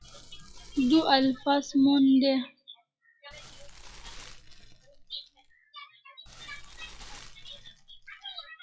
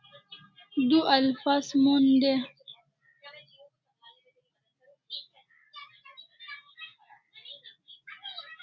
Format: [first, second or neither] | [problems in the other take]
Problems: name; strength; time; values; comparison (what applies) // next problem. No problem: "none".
second | noise reduction (classical method log-MMSE)